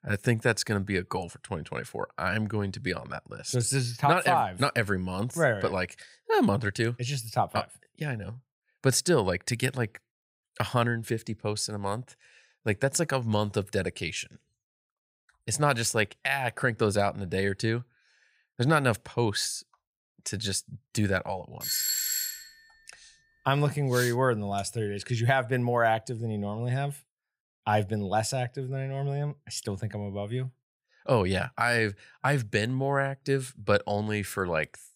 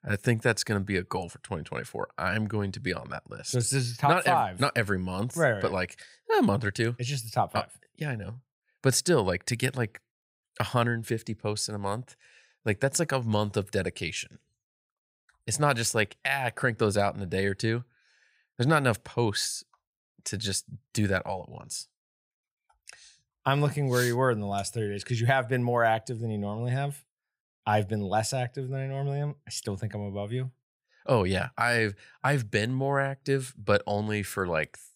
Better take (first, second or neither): second